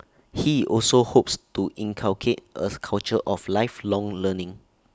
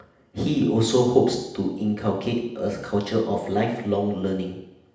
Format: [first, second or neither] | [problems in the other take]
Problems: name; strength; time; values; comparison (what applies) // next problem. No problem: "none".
first | room echo; dies away in 0.8 s